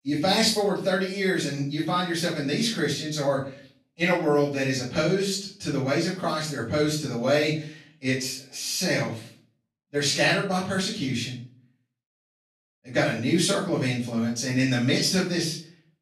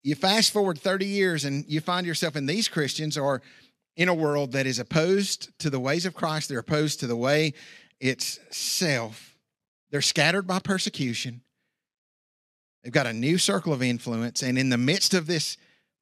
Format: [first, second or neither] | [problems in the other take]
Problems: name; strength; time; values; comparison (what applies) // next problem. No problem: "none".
second | off-mic speech; far // room echo; noticeable; dies away in 0.4 s